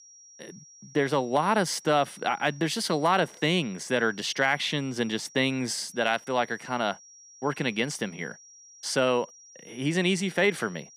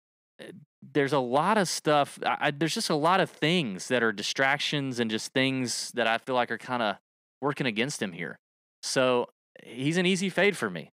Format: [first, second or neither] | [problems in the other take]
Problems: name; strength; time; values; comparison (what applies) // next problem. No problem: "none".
second | high-pitched whine; faint; throughout; 5.5 kHz, 20 dB below the speech